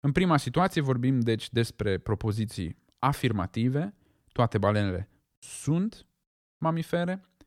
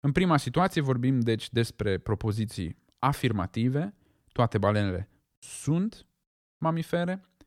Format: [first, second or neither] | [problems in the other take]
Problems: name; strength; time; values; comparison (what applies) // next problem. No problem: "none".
neither | none